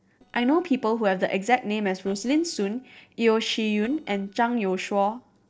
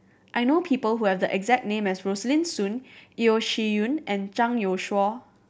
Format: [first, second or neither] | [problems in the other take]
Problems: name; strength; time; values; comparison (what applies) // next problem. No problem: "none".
second | noise reduction (neural separator model SepFormer DNS4)